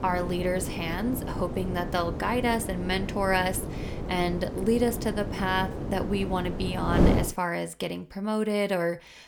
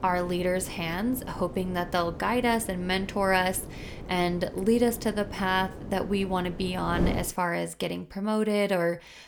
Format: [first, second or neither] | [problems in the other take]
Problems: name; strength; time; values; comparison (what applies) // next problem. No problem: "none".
second | wind noise on the microphone; heavy; until 7 s; 7 dB below the speech; occasional gusts in the second